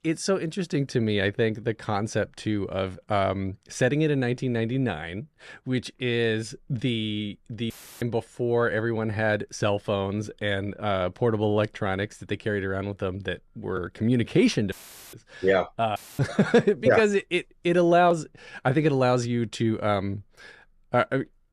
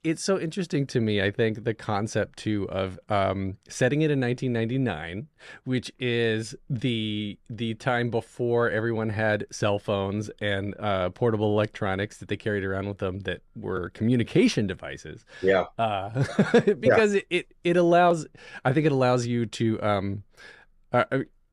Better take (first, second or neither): second